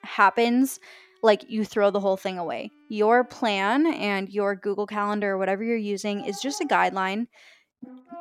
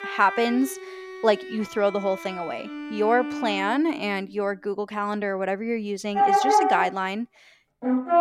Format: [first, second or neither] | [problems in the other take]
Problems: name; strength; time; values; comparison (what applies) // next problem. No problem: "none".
first | background music; loud; throughout; 2 dB below the speech; faint in the first